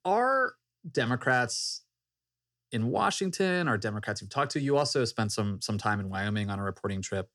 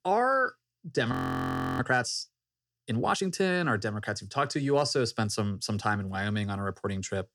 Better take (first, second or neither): first